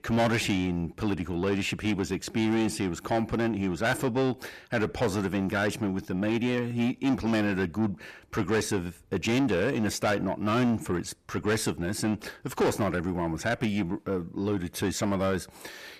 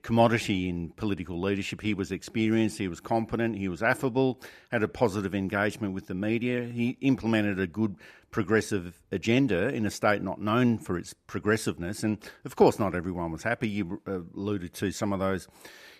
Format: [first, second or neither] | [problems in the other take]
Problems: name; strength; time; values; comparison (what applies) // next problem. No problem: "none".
second | distortion; heavy; 7 dB below the speech